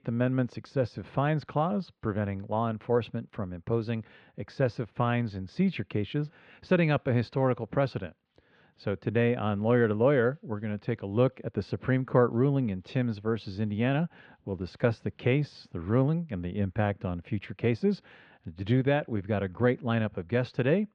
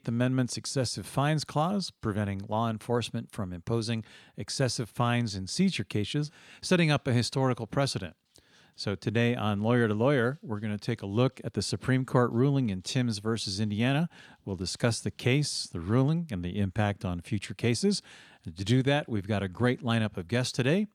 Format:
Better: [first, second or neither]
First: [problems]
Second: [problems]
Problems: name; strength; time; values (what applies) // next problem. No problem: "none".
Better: second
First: muffled; very; fading above 2.5 kHz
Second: none